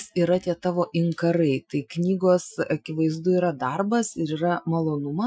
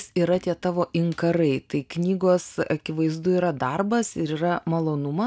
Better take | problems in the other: second | noise reduction (classical method Wiener filter)

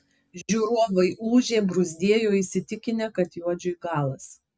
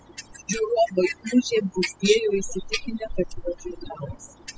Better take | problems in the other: first | noise reduction (classical method spectral subtraction)

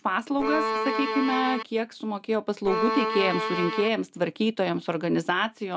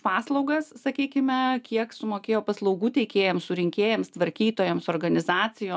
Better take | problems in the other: second | background sound (Bowed string instrument); 1 dB below the speech

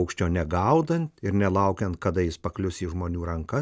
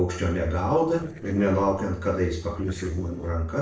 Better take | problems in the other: first | noise reduction (neural separator model SepFormer DNS4)

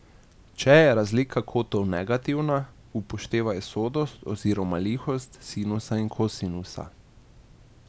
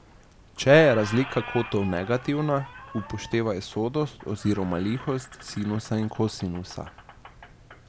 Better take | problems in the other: first | background sound (Squeak); 17 dB below the speech

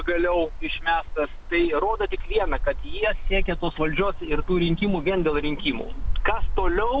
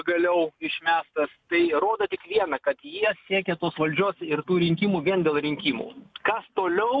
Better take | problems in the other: second | background sound (Cricket); 2 dB below the speech

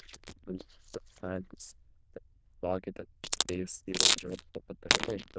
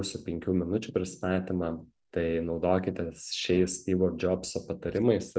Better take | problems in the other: second | noise reduction (neural diffusion model UNIVERSE++)

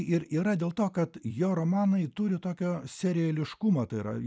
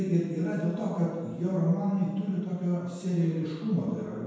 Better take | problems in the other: first | room echo; dies away in 1.2 s

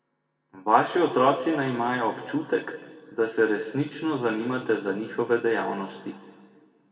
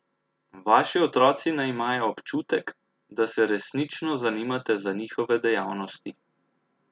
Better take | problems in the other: second | room echo; dies away in 1.5 s

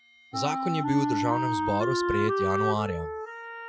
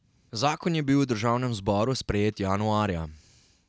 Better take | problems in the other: second | noise reduction (classical method Wiener filter)

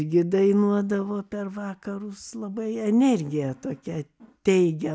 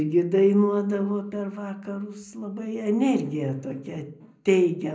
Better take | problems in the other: first | room echo; dies away in 0.5 s

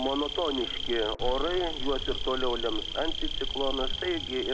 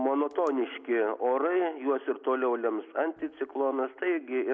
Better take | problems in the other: second | background sound (Insect); 1 dB below the speech

